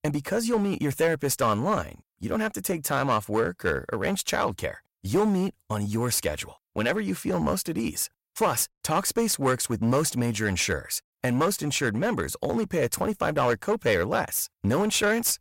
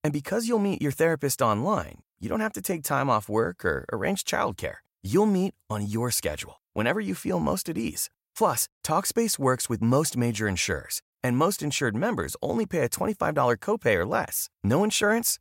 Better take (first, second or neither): second